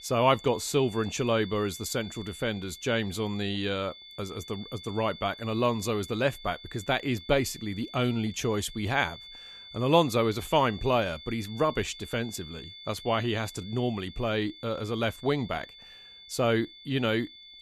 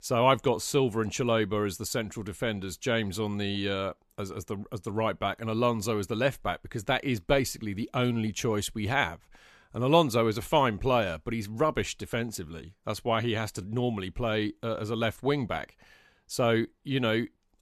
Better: second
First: high-pitched whine; noticeable; throughout; 3.5 kHz, 15 dB below the speech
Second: none

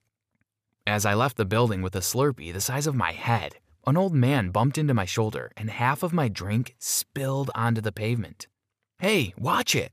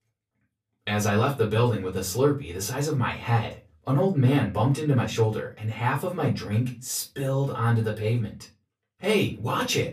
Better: first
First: none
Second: off-mic speech; far // room echo; very slight; dies away in 0.3 s

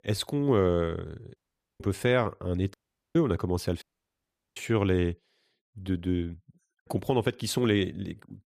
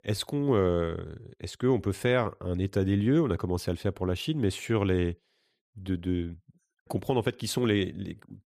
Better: second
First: audio cutting out; at 1.5 s, at 2.5 s and at 4 s for 0.5 s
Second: none

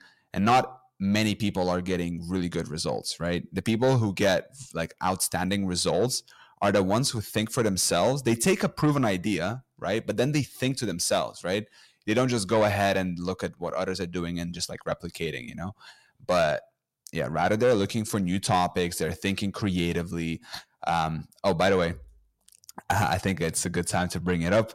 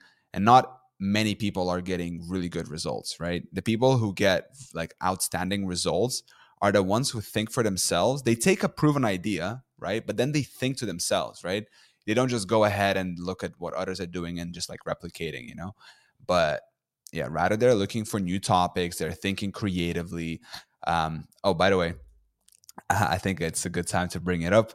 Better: second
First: distortion; slight; 10 dB below the speech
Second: none

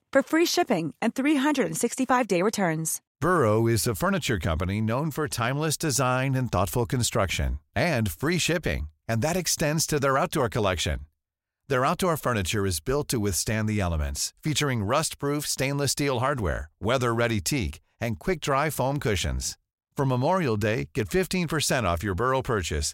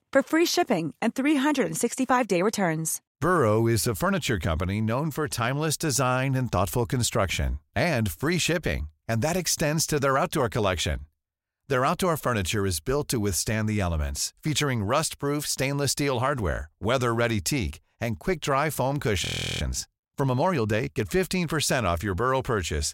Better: first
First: none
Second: audio freezing; at 19 s

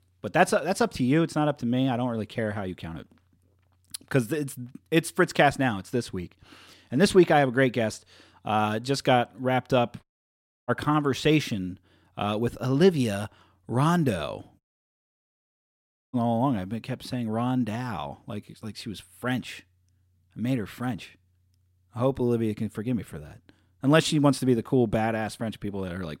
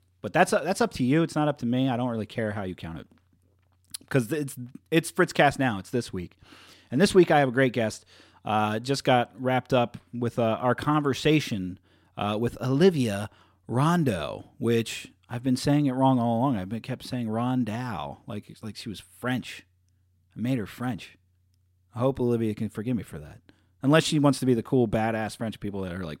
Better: second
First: audio cutting out; at 10 s for 0.5 s and at 15 s for 1.5 s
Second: none

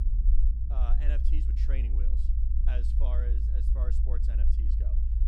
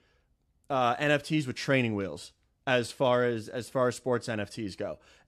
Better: second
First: low rumble; loud; throughout; 2 dB below the speech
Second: none

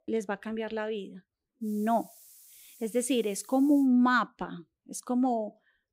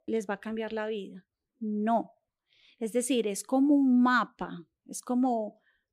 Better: second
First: hiss; faint; from 1.5 to 4 s; 25 dB below the speech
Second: none

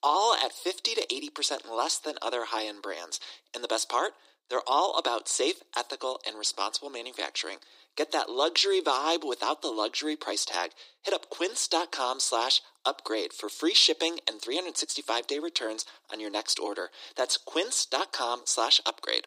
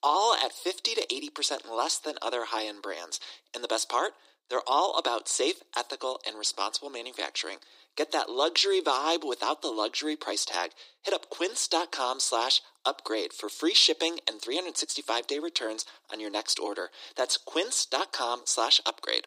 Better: neither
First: thin; very; fading below 300 Hz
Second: thin; very; fading below 300 Hz

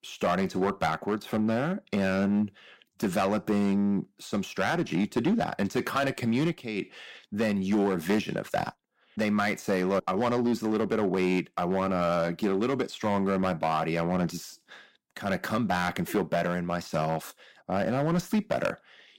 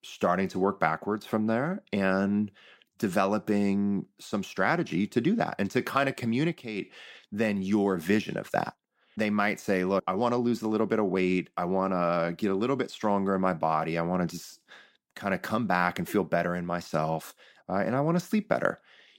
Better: second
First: distortion; slight; 6% of the sound clipped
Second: none

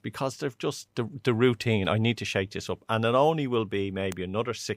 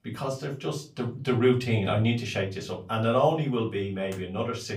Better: first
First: none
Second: off-mic speech; far // room echo; very slight; dies away in 0.3 s

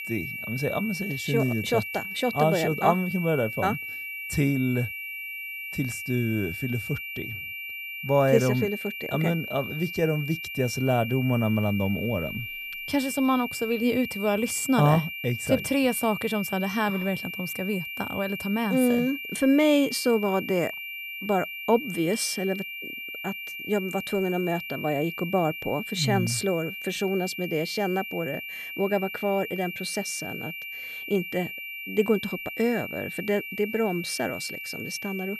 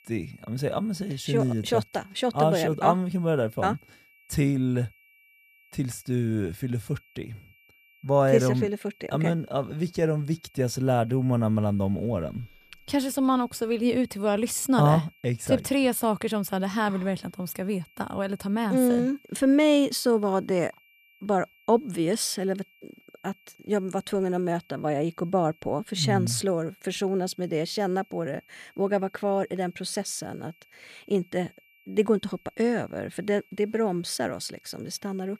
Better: second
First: high-pitched whine; loud; throughout; 2.5 kHz, 7 dB below the speech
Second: high-pitched whine; faint; throughout; 2.5 kHz, 30 dB below the speech

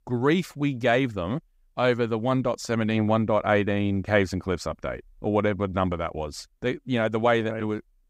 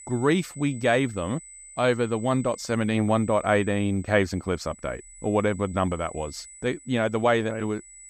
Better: first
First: none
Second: high-pitched whine; noticeable; throughout; 8 kHz, 20 dB below the speech

